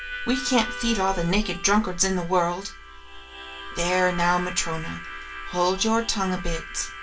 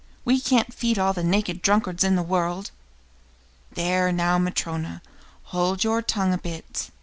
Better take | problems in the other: second | background sound (Harmonica); 12 dB below the speech // room echo; dies away in 0.2 s

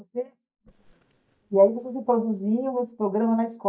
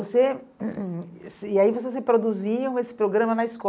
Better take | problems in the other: second | noise reduction (neural mask model DeepFilterNet 3)

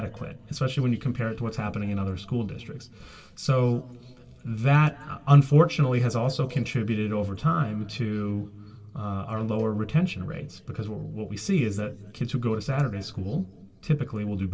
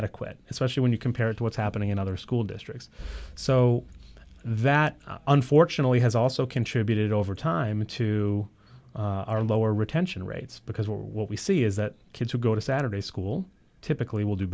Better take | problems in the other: second | noise reduction (neural separator model SepFormer DNS4)

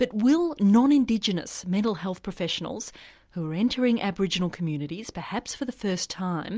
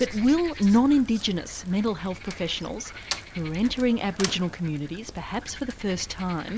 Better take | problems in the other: first | background sound (Frog + Slam); 13 dB below the speech

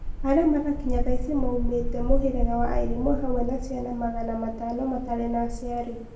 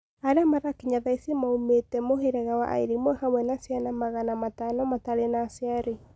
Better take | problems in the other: second | background sound (Wind); as loud as the speech // room echo; dies away in 0.7 s

